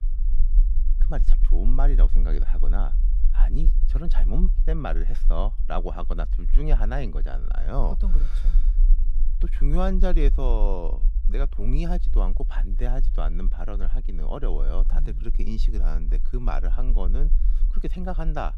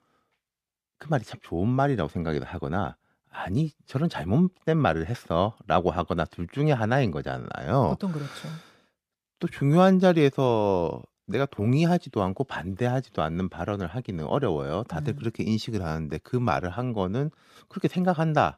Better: second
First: low rumble; noticeable; throughout; 15 dB below the speech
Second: none

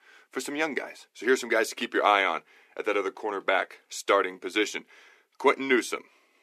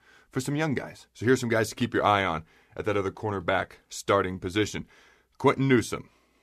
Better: second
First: thin; somewhat; fading below 300 Hz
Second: none

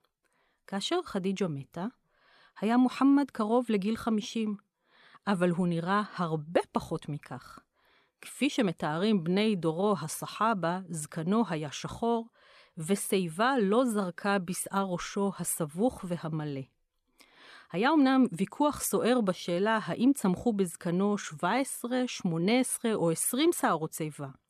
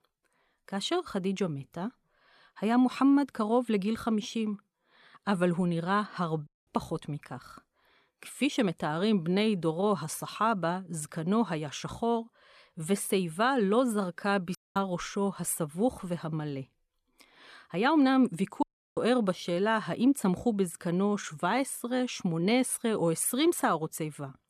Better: first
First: none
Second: audio cutting out; at 6.5 s, at 15 s and at 19 s

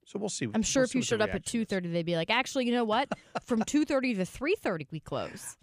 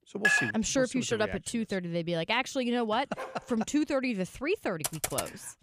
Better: first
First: none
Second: clattering dishes; loud; at the start; peak 6 dB above the speech // dog barking; faint; at 3 s; peak 10 dB below the speech // keyboard typing; noticeable; at 5 s; peak 2 dB below the speech

